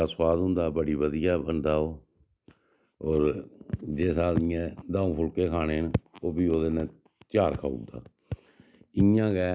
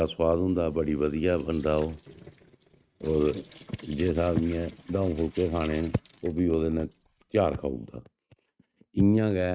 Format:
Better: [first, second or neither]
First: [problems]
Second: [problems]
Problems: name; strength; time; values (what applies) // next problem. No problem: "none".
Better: first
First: none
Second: noise reduction (neural mask model RNNoise)